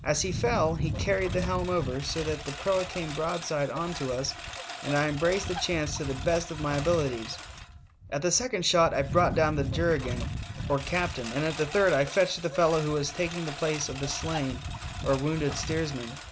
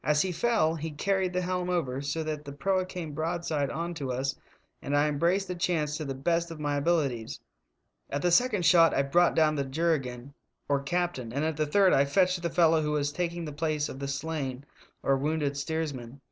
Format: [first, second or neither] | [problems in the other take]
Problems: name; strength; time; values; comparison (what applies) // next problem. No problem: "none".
second | background sound (Engine); 8 dB below the speech